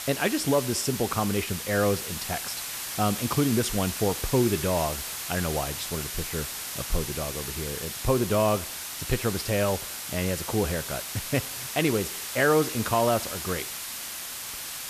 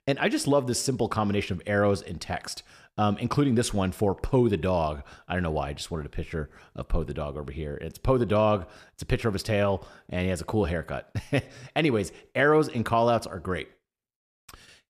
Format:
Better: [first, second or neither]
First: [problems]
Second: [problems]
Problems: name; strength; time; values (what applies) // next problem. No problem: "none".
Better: second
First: hiss; loud; throughout; 5 dB below the speech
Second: none